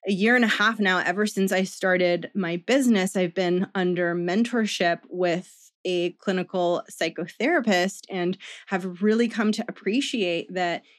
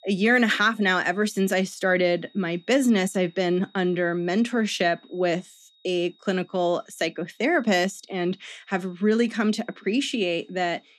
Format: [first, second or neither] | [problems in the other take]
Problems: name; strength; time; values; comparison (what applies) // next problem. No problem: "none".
first | high-pitched whine; faint; throughout; 4 kHz, 35 dB below the speech